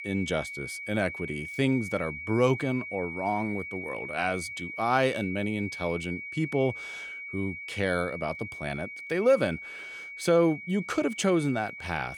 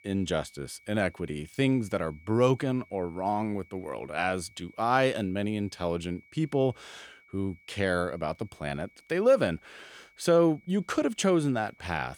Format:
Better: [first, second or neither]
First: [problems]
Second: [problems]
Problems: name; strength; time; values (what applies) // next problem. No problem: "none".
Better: second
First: high-pitched whine; loud; throughout; 2.5 kHz, 8 dB below the speech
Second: high-pitched whine; faint; throughout; 2.5 kHz, 30 dB below the speech